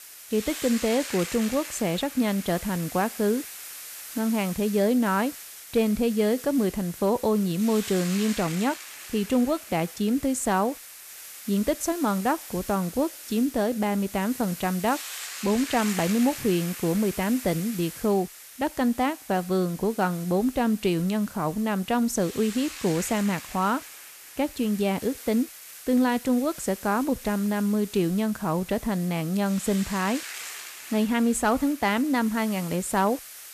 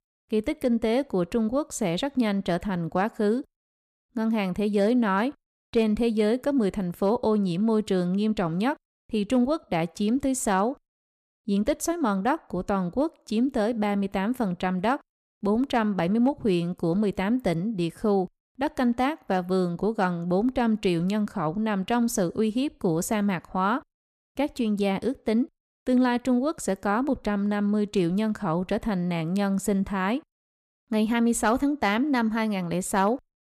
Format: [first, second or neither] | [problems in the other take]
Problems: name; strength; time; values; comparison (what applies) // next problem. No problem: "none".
second | hiss; noticeable; throughout; 10 dB below the speech